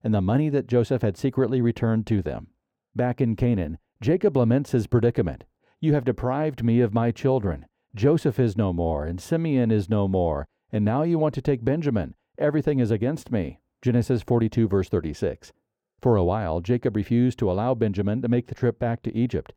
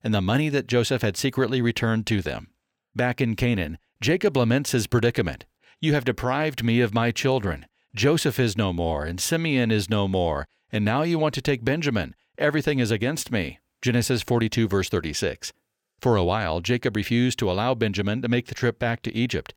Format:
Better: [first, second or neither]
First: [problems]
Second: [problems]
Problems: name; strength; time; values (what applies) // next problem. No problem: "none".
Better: second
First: muffled; slightly; fading above 1.5 kHz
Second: none